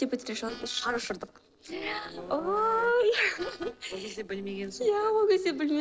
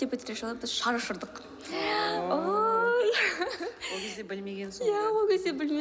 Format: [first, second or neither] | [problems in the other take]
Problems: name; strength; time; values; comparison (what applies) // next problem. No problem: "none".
second | noise reduction (neural separator model SepFormer DNS4)